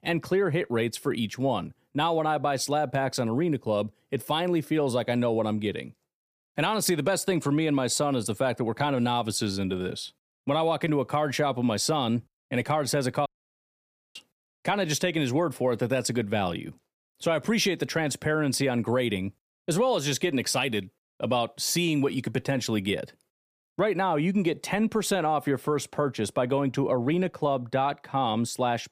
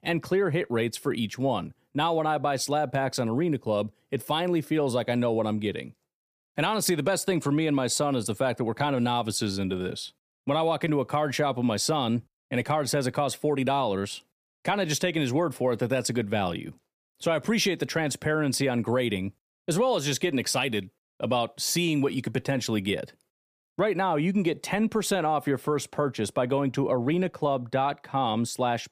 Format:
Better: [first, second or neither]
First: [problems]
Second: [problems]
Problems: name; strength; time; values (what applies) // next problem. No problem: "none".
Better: second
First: audio cutting out; at 13 s for 1 s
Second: none